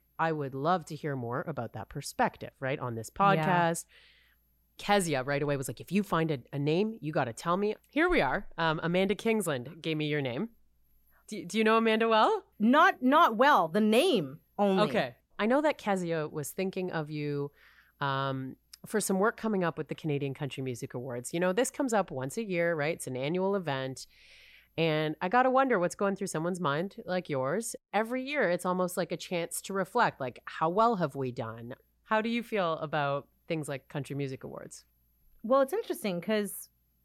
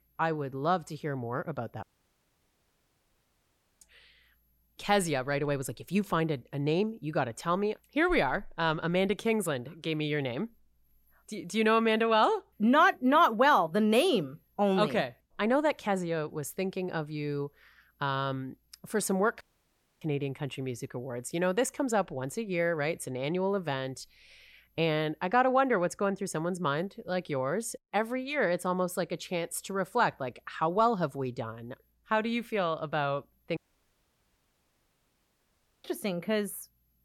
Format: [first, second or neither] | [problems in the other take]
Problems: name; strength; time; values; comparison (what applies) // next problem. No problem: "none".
first | audio cutting out; at 2 s for 2 s, at 19 s for 0.5 s and at 34 s for 2.5 s